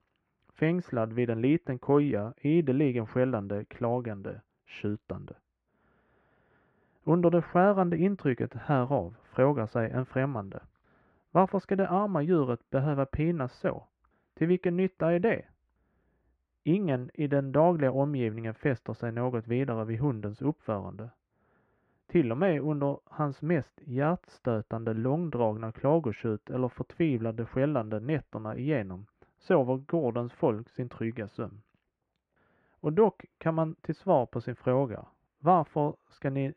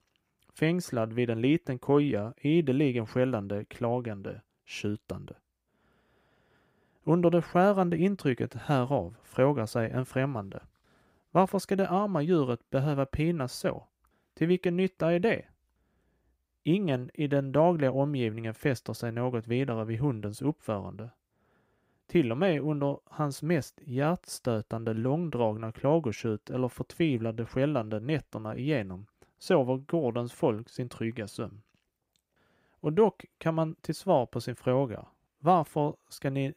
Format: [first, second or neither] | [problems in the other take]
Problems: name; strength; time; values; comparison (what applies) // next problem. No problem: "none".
second | muffled; very; fading above 2 kHz